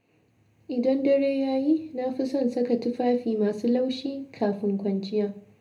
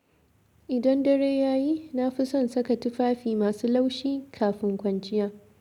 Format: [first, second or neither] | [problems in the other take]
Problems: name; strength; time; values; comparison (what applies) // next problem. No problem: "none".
second | room echo; dies away in 0.3 s